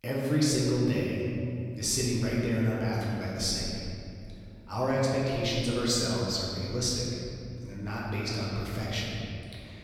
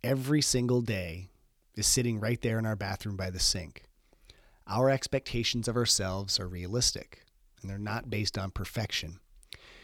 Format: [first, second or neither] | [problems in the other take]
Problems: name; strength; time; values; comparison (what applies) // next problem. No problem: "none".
second | room echo; strong; dies away in 2.7 s // off-mic speech; far